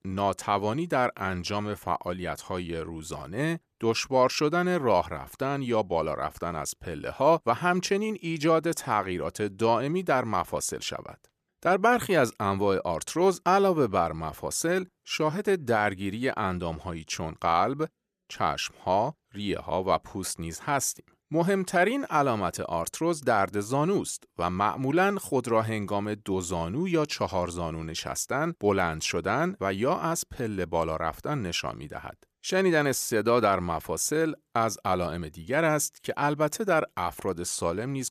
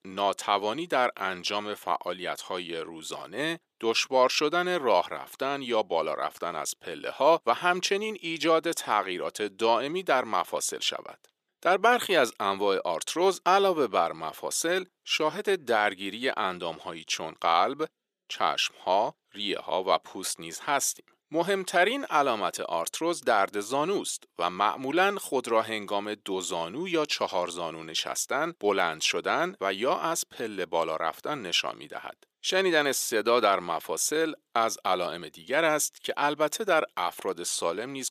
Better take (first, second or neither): first